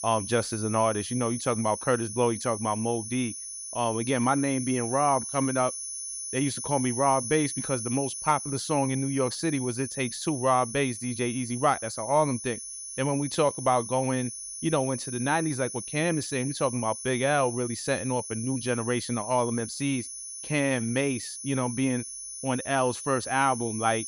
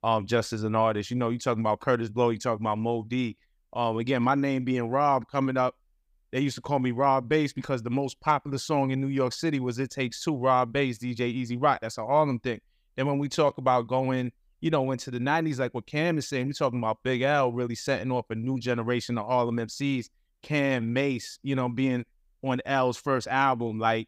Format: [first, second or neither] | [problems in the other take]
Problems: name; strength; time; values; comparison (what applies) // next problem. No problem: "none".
second | high-pitched whine; loud; throughout; 10 kHz, 7 dB below the speech